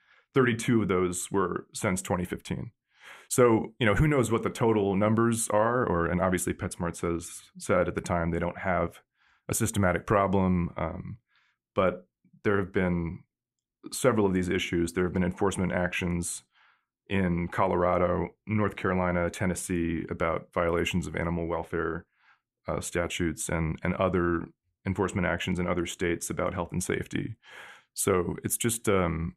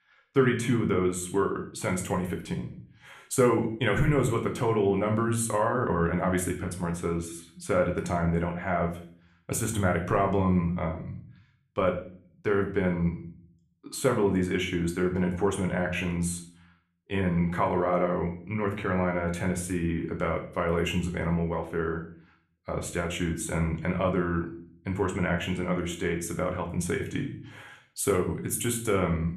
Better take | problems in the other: first | room echo; slight; dies away in 0.4 s // off-mic speech; somewhat distant

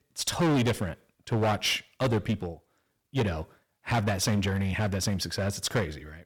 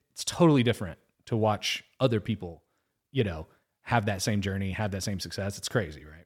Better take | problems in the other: second | distortion; heavy; 11% of the sound clipped

